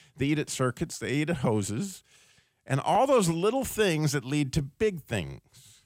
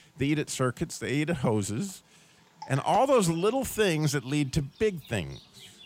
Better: first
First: none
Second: animal sounds; faint; throughout; 25 dB below the speech

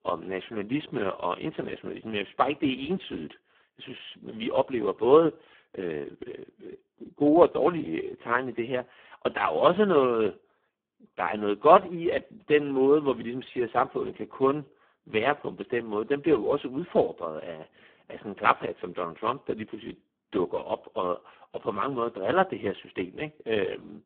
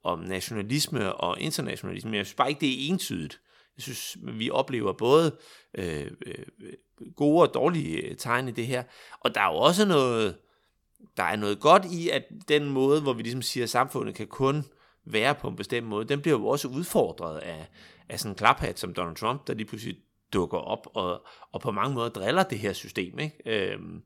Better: second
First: phone-call audio; poor line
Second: none

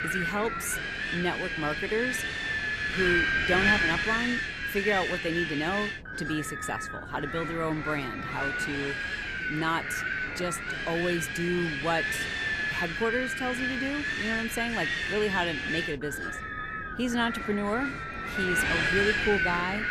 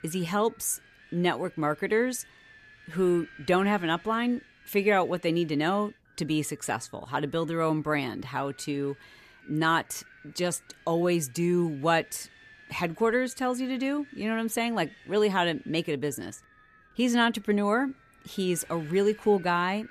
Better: second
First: wind noise on the microphone; heavy; 4 dB above the speech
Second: wind noise on the microphone; occasional gusts; 25 dB below the speech

